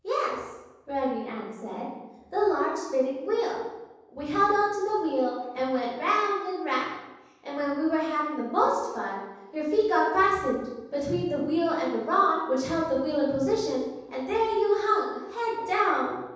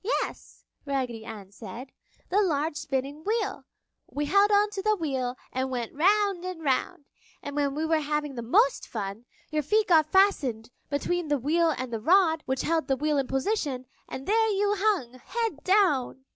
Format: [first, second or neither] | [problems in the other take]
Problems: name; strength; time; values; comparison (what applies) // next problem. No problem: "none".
second | room echo; dies away in 1.1 s